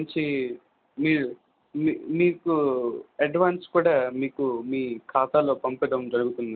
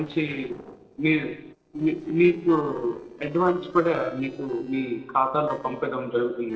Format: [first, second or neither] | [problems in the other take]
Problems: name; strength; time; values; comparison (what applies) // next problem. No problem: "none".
first | noise reduction (neural separator model SepFormer DNS4)